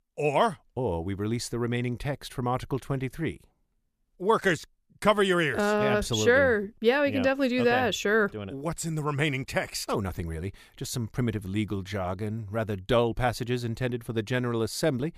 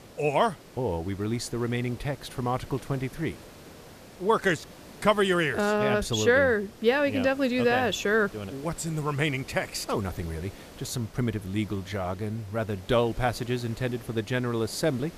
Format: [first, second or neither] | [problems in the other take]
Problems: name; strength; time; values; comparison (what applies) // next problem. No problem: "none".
first | hiss; noticeable; throughout; 20 dB below the speech